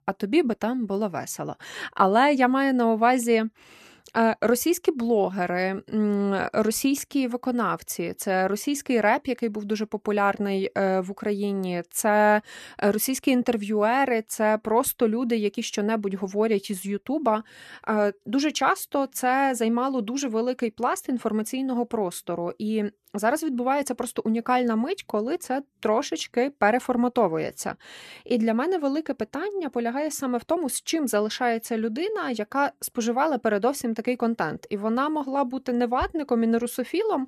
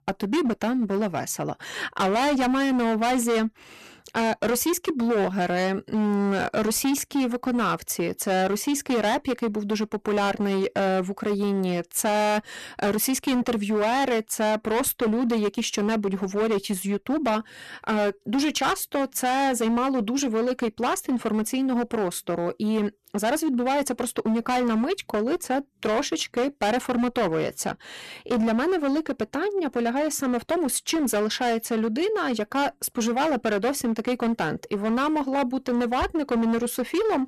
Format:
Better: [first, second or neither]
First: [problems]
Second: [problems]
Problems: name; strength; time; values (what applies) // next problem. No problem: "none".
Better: first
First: none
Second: distortion; heavy; 19% of the sound clipped